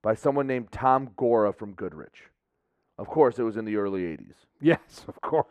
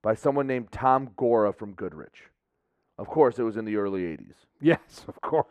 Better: neither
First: muffled; very; fading above 2.5 kHz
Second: muffled; very; fading above 2.5 kHz

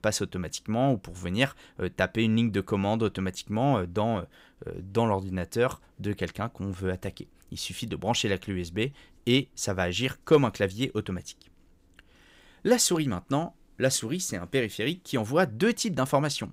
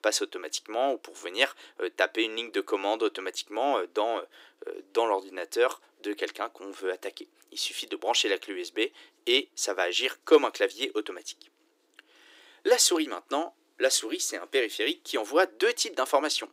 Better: first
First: none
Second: thin; very; fading below 300 Hz

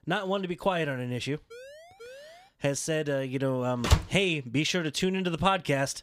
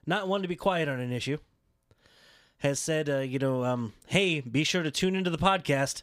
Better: second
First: siren; faint; at 1.5 s; peak 20 dB below the speech // door banging; loud; at 4 s; peak 2 dB above the speech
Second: none

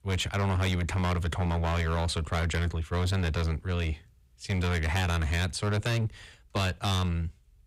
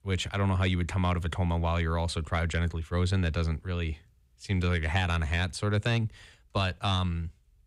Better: second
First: distortion; slight; 24% of the sound clipped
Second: none

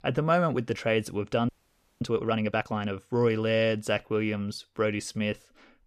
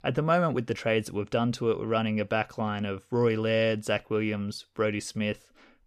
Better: second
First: audio freezing; at 1.5 s for 0.5 s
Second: none

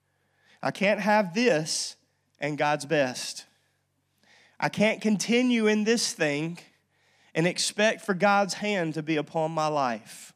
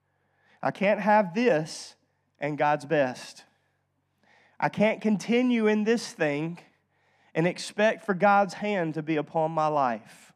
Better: first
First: none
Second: muffled; slightly; fading above 3 kHz

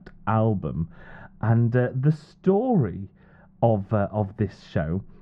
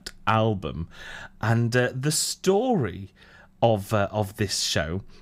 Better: second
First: muffled; very; fading above 1 kHz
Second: none

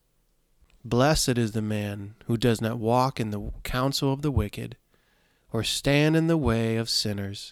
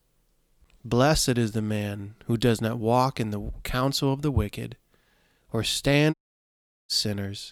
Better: first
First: none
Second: audio cutting out; at 6 s for 1 s

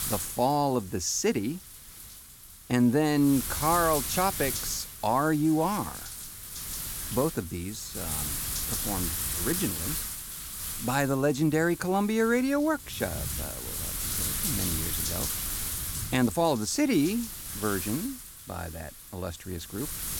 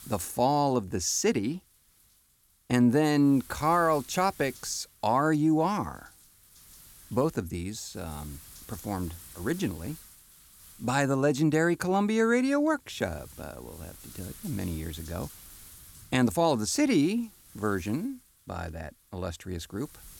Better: second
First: wind noise on the microphone; heavy; 7 dB below the speech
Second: wind noise on the microphone; occasional gusts; 25 dB below the speech

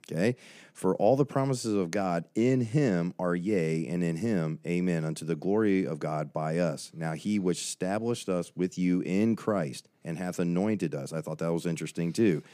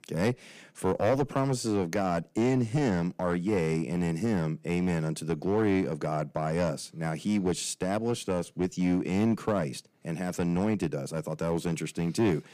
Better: first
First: none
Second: distortion; slight; 6% of the sound clipped

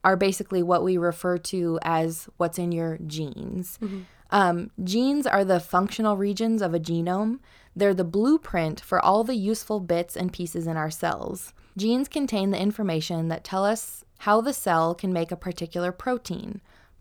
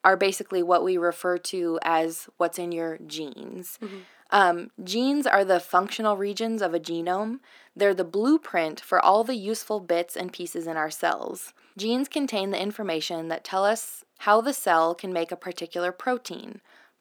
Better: first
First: none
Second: thin; very slightly; fading below 250 Hz

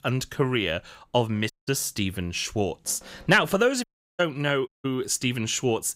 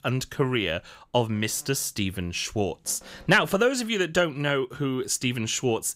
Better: second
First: audio cutting out; at 1.5 s, at 4 s and at 4.5 s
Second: none

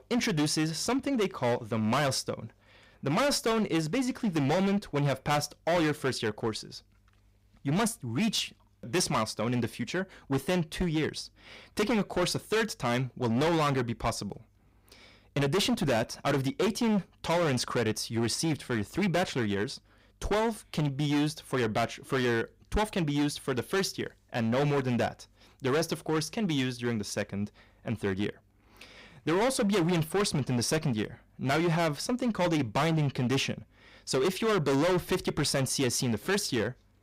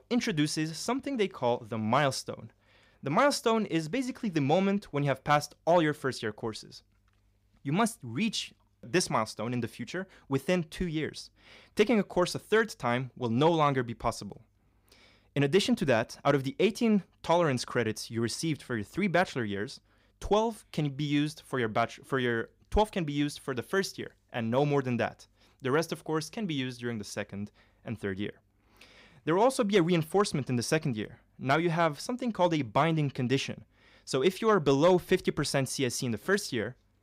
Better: second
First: distortion; heavy; 15% of the sound clipped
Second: none

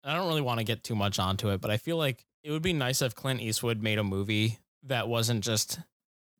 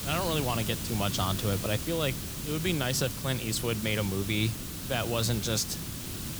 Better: first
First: none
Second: hiss; loud; throughout; 5 dB below the speech

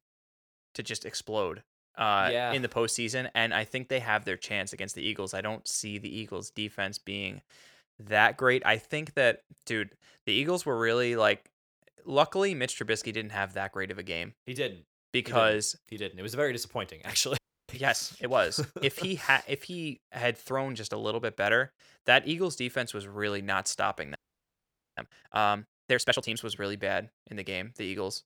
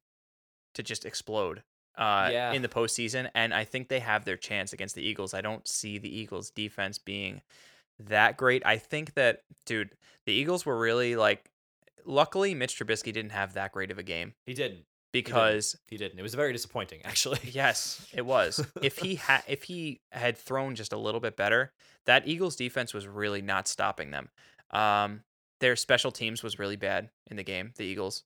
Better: second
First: audio freezing; at 17 s and at 24 s for 1 s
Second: none

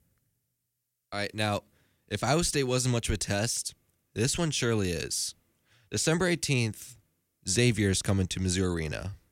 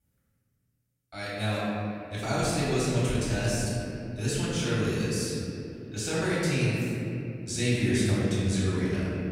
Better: first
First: none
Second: off-mic speech; far // room echo; strong; dies away in 3 s

